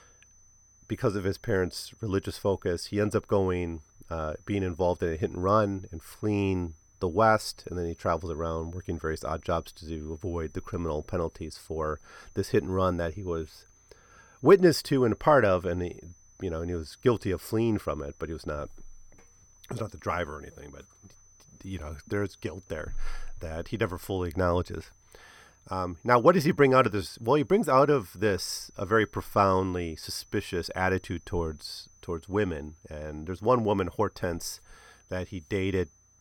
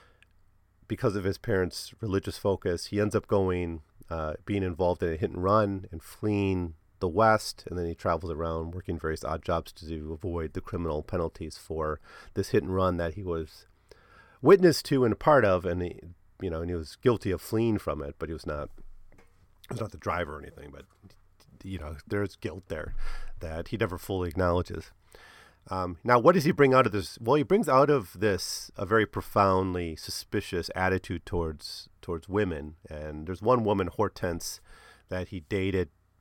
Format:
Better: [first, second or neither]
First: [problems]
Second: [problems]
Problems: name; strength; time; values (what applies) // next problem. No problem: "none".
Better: second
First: high-pitched whine; faint; throughout; 6 kHz, 30 dB below the speech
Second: none